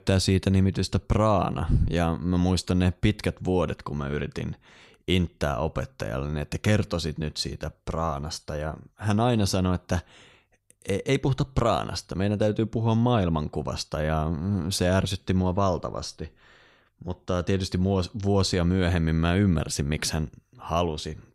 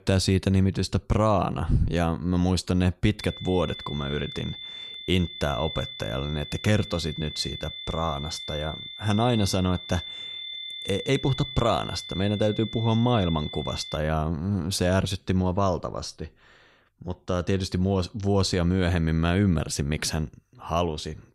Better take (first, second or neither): first